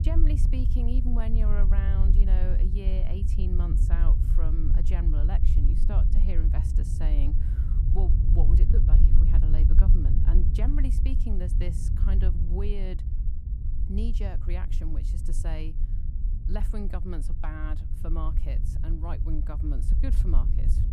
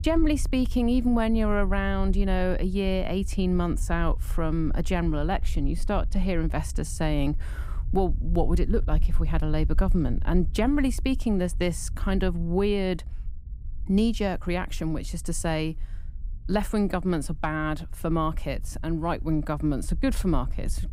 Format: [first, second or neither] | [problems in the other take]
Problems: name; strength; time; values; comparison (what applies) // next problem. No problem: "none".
second | low rumble; loud; throughout; 3 dB below the speech; faint in the second